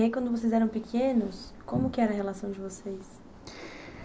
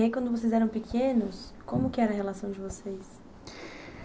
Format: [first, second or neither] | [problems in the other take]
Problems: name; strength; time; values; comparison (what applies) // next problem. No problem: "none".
first | background sound (Whoosh, swoosh, swish); 17 dB below the speech